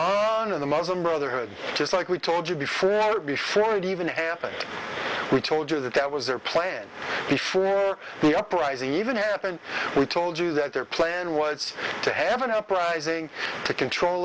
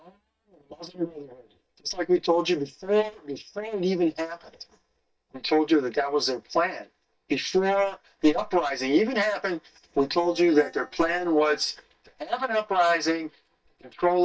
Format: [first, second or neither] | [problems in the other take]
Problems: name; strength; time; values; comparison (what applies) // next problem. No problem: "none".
first | noise reduction (neural mask model DeepFilterNet 3)